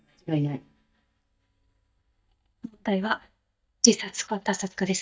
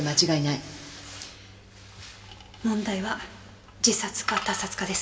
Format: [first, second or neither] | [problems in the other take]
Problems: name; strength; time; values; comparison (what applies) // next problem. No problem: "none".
second | noise reduction (neural mask model DeepFilterNet 3)